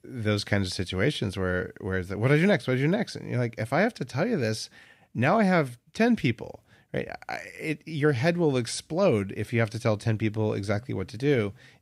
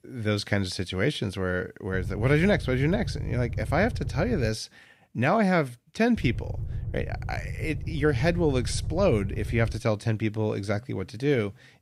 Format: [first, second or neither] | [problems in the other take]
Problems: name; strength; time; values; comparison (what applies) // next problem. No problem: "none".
first | low rumble; noticeable; from 2 to 4.5 s and from 6 to 10 s; 20 dB below the speech